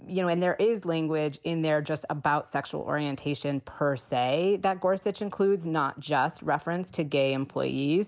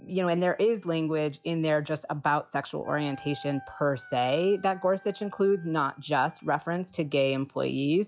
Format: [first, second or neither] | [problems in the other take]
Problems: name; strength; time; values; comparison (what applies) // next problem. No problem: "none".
first | noise reduction (classical method log-MMSE)